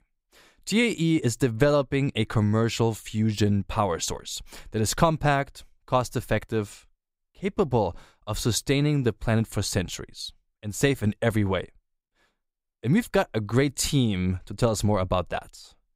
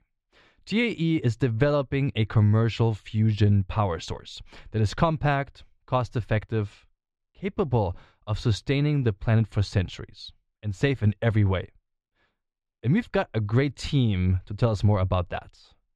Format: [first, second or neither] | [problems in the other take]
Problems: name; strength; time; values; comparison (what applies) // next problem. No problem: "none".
first | muffled; very slightly; fading above 3.5 kHz